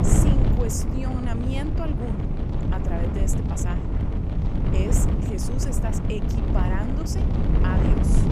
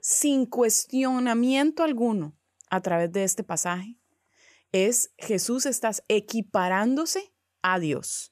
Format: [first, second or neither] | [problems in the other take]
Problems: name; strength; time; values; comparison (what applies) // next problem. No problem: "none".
second | wind noise on the microphone; heavy; 1 dB above the speech